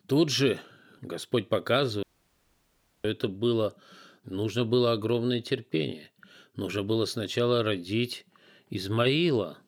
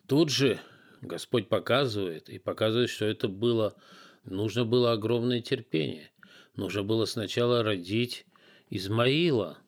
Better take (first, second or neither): second